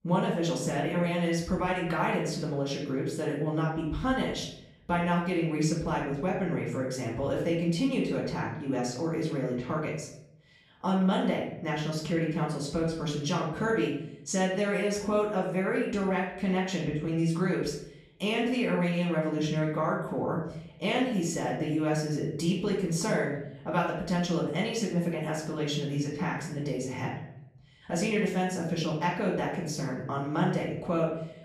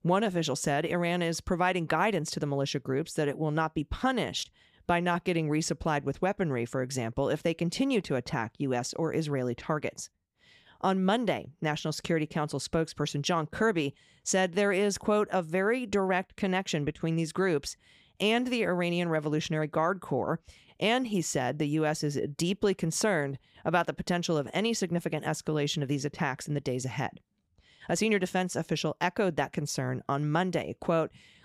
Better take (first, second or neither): second